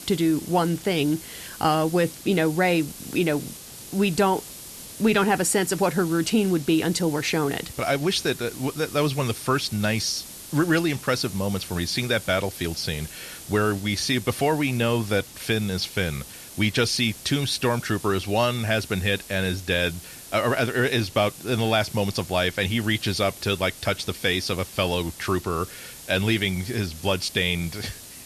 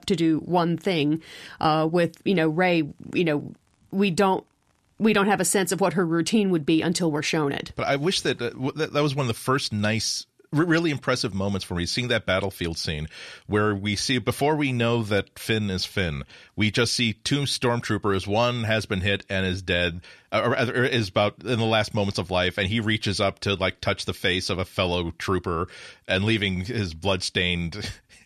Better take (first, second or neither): second